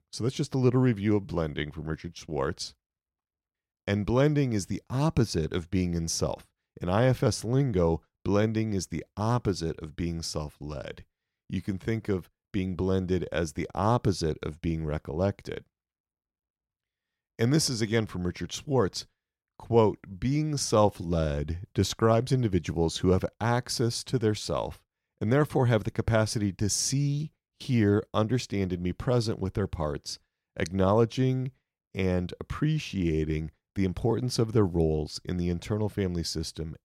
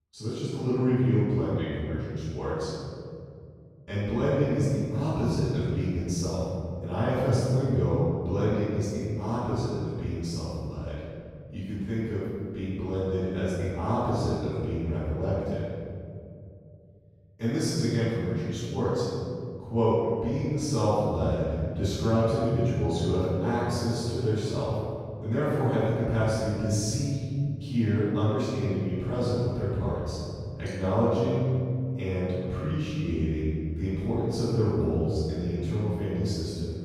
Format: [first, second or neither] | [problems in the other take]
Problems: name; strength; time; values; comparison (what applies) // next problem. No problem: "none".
first | off-mic speech; far // room echo; strong; dies away in 2.7 s